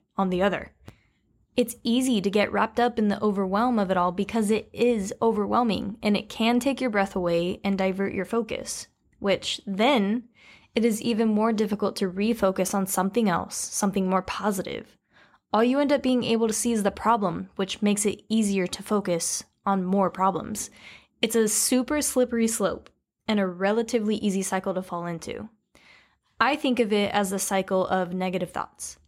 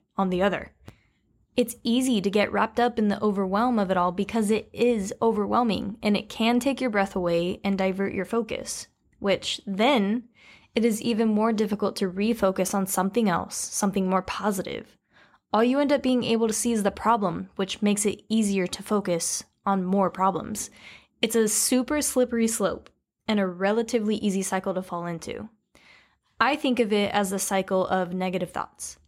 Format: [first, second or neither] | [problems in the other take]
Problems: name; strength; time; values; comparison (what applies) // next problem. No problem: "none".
neither | none